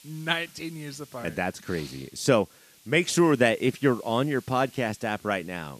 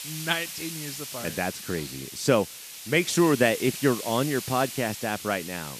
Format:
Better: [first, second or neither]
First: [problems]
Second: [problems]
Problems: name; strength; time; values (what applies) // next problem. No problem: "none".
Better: first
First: hiss; faint; throughout; 25 dB below the speech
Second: hiss; loud; throughout; 9 dB below the speech